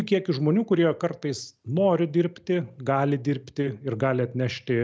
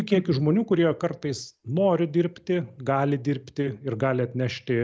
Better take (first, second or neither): first